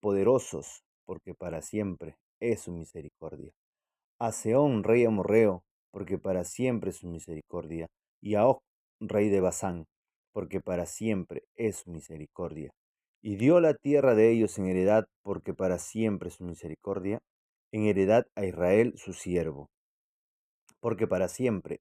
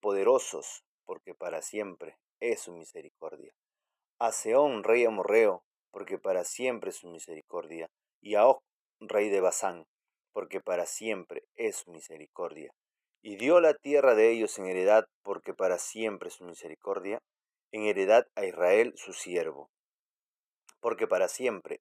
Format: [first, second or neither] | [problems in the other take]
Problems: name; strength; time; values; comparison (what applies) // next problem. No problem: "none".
first | thin; somewhat; fading below 550 Hz